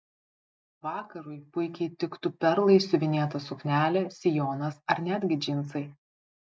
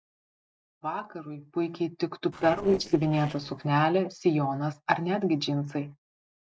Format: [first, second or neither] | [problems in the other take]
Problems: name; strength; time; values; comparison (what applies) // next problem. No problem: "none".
first | noise reduction (neural separator model SepFormer DNS4)